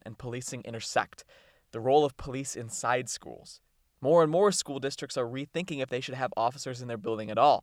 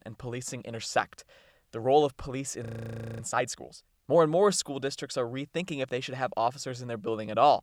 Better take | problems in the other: first | audio freezing; at 2.5 s for 0.5 s

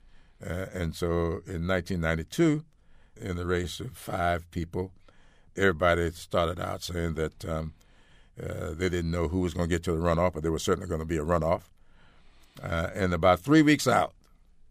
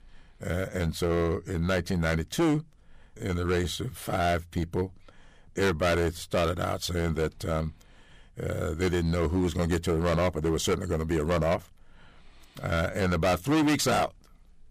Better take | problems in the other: first | distortion; heavy; 10% of the sound clipped

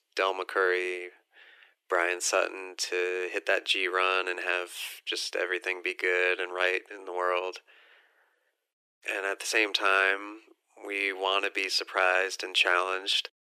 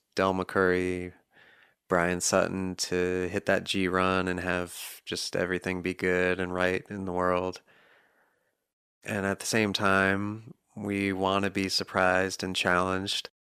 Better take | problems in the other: second | thin; very; fading below 300 Hz

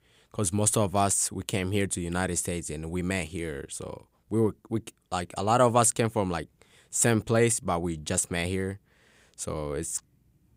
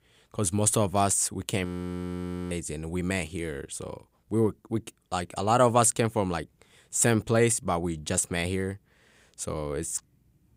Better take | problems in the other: first | audio freezing; at 1.5 s for 1 s

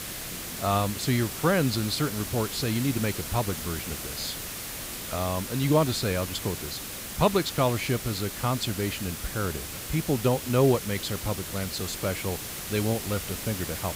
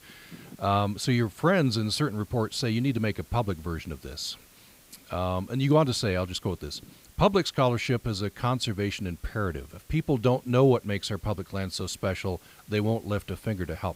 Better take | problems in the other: second | hiss; loud; throughout; 6 dB below the speech; faint in the second

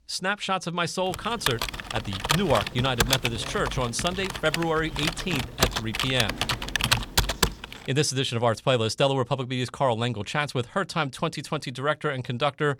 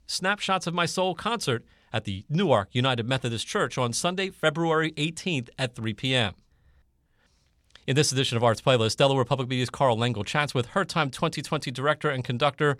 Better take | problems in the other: second | keyboard typing; loud; from 1 to 7.5 s; peak 4 dB above the speech

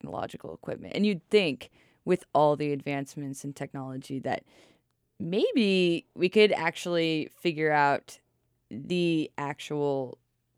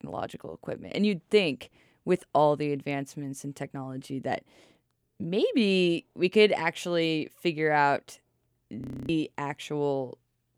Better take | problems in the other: first | audio freezing; at 9 s

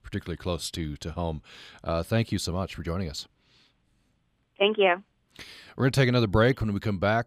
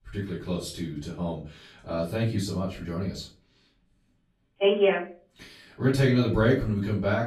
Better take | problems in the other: first | off-mic speech; far // room echo; slight; dies away in 0.3 s

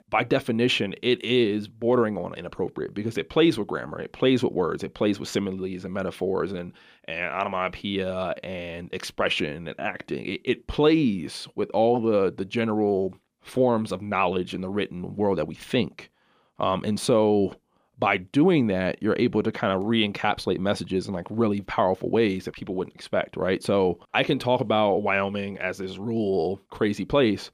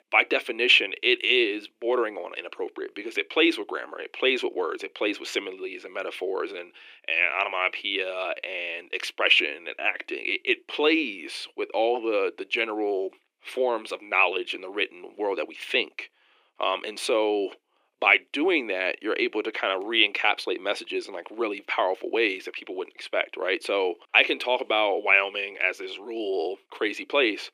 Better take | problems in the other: first | thin; somewhat; fading below 350 Hz

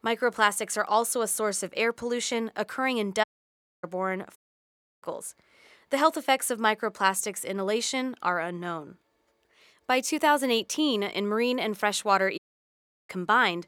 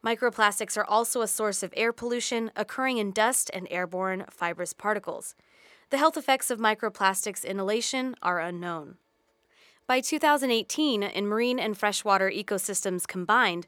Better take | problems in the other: second | audio cutting out; at 3 s for 0.5 s, at 4.5 s for 0.5 s and at 12 s for 0.5 s

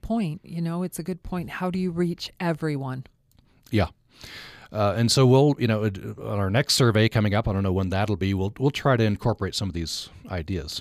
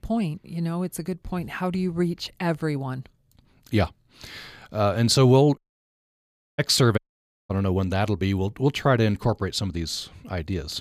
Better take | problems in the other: first | audio cutting out; at 5.5 s for 1 s and at 7 s for 0.5 s

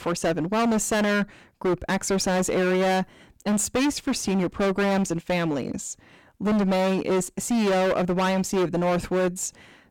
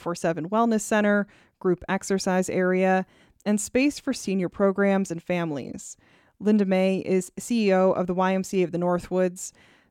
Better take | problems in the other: second | distortion; heavy; 24% of the sound clipped

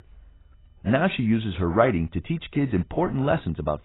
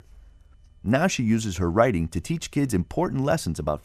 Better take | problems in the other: second | garbled, watery; badly; nothing above 4 kHz

